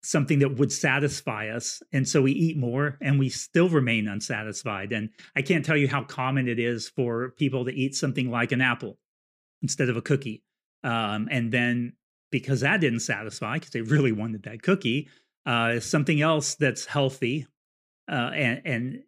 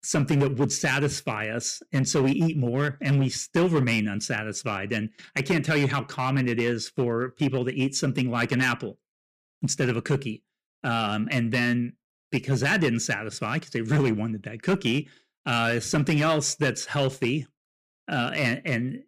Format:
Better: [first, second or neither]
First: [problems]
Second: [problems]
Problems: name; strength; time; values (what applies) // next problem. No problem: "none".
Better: first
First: none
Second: distortion; slight; 5% of the sound clipped